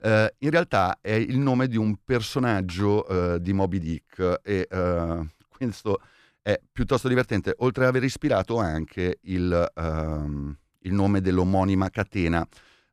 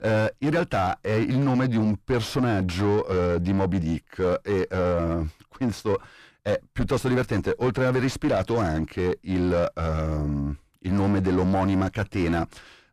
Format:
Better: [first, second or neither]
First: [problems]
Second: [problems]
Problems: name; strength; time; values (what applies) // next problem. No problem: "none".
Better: first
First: none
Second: distortion; heavy; 6 dB below the speech